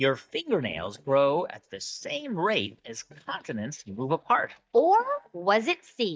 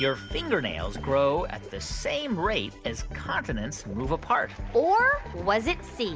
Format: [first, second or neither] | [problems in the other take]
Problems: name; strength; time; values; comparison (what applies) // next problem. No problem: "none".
second | noise reduction (neural mask model DeepFilterNet 3)